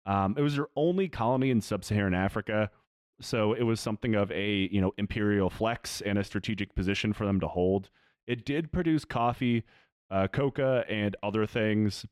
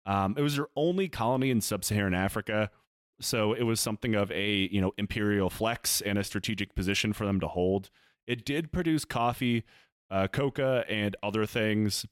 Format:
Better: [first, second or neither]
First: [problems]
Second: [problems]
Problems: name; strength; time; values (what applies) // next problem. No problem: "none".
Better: second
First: muffled; slightly; fading above 2 kHz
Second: none